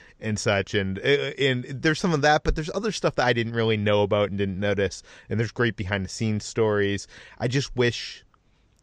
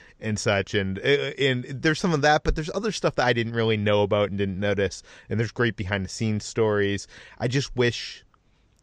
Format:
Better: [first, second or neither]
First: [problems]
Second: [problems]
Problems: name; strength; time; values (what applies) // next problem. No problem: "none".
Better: neither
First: none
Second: none